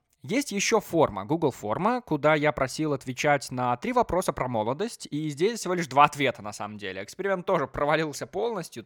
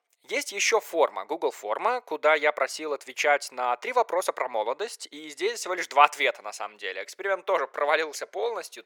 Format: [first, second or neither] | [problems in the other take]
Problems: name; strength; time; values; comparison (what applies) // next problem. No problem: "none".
first | thin; very; fading below 450 Hz